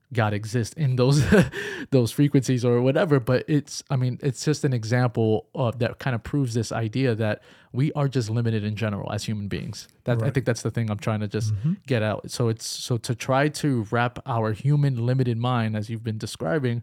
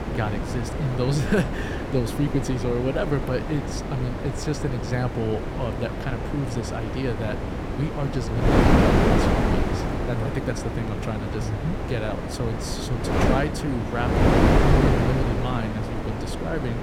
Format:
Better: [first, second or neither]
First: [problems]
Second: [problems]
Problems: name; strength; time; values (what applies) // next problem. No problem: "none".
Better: first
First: none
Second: wind noise on the microphone; heavy; 3 dB above the speech